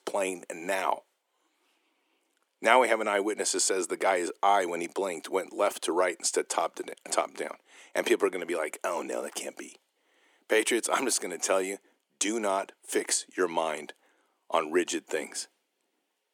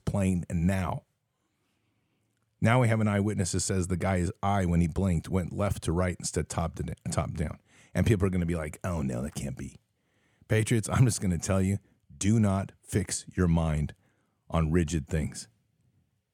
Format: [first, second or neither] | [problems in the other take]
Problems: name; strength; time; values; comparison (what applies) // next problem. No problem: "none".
second | thin; very; fading below 300 Hz